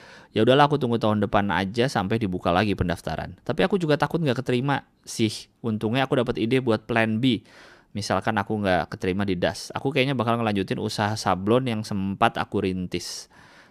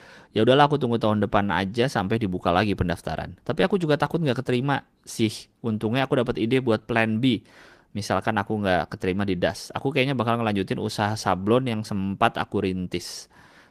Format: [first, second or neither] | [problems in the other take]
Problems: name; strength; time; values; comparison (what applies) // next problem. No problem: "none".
first | garbled, watery; slightly; nothing above 14.5 kHz